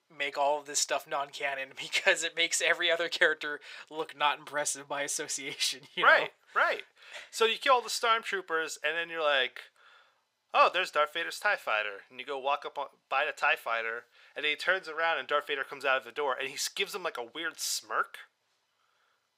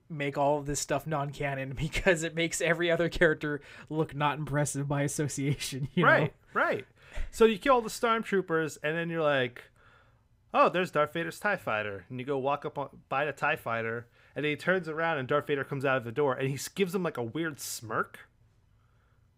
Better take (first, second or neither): second